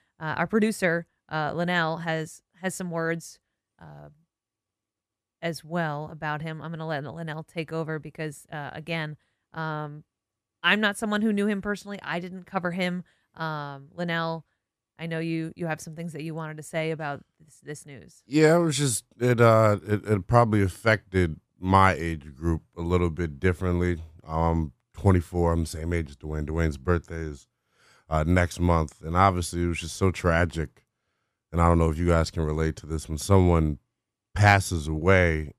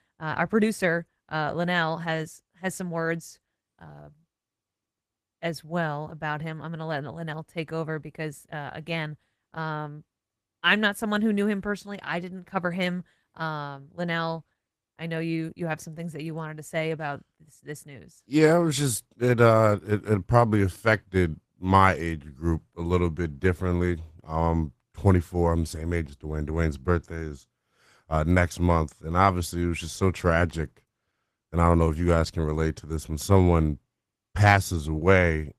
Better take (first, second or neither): first